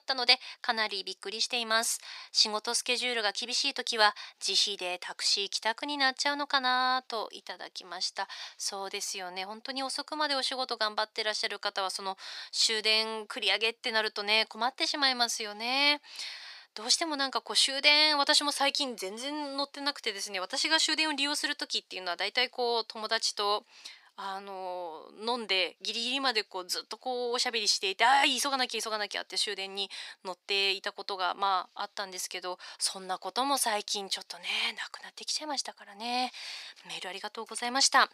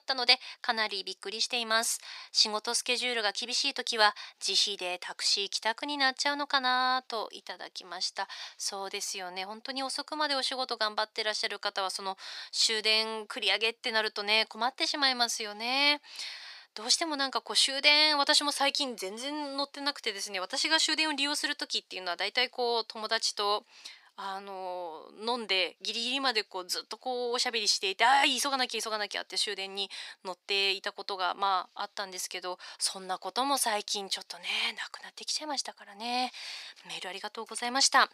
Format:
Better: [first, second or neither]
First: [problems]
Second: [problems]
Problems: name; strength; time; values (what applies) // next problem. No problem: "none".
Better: neither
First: thin; very; fading below 450 Hz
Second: thin; very; fading below 450 Hz